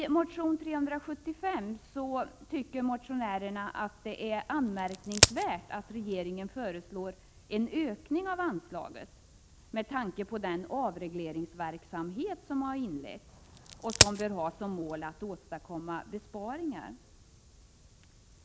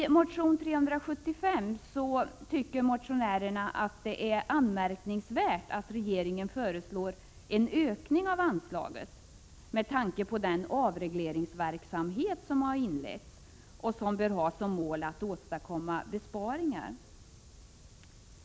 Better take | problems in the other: second | background sound (Crack); 5 dB above the speech

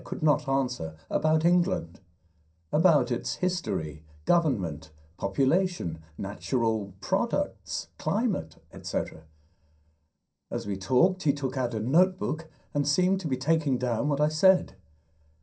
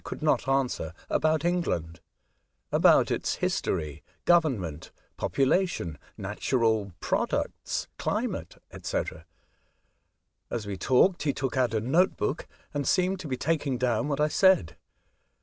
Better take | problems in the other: second | room echo; dies away in 0.3 s

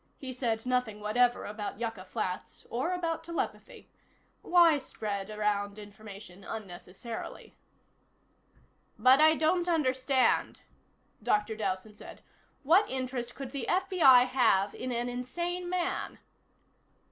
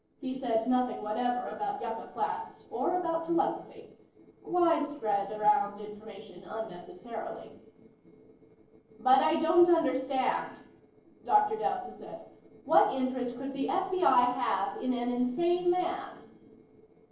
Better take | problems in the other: first | noise reduction (neural separator model SepFormer DNS4)

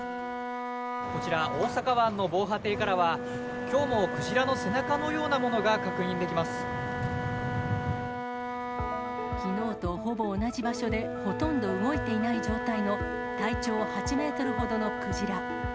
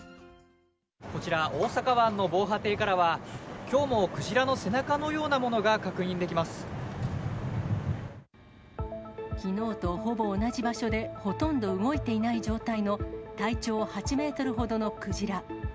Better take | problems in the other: second | background sound (Wind instrument, woodwind instrument); 4 dB below the speech

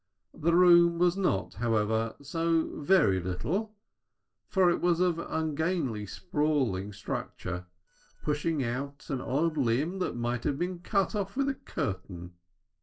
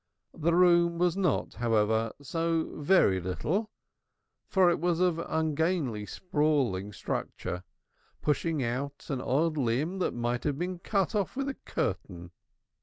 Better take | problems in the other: second | noise reduction (neural separator model SepFormer DNS4)

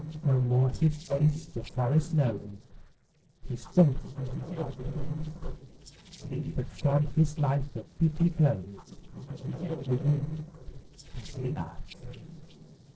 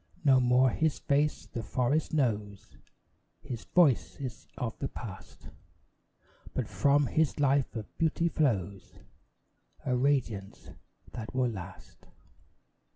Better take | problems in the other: second | noise reduction (neural separator model SepFormer DNS4)

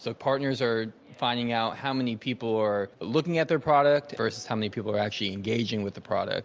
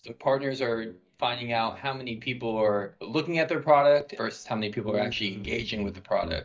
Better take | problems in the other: first | noise reduction (neural mask model DeepFilterNet 3)

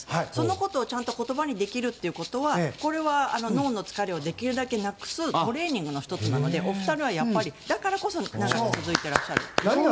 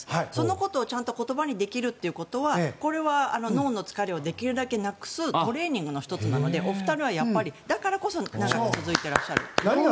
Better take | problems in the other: second | background sound (Rattle (instrument)); 18 dB below the speech

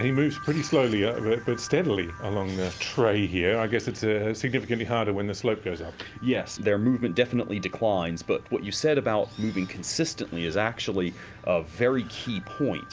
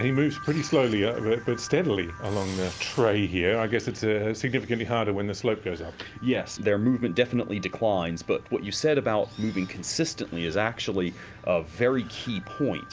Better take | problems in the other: first | background sound (Engine / Drill); 19 dB below the speech

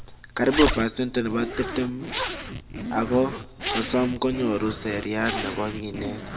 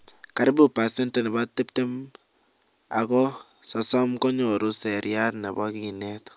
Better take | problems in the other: second | background sound (Zipper (clothing)); 6 dB below the speech // room echo; dies away in 1.4 s

